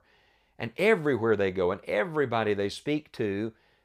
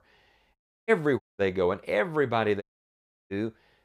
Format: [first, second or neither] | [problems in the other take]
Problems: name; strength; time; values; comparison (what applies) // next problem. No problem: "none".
first | audio cutting out; at 0.5 s, at 1 s and at 2.5 s for 0.5 s